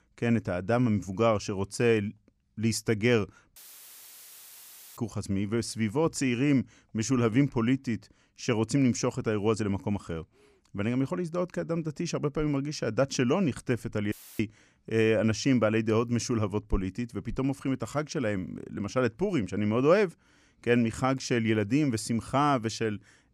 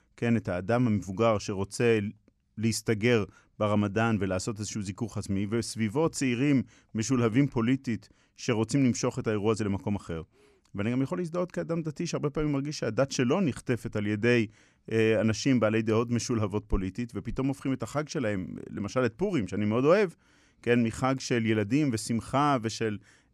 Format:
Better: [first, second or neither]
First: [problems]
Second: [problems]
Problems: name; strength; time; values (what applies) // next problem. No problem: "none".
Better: second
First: audio cutting out; filled with static; at 3.5 s for 1.5 s and at 14 s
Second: none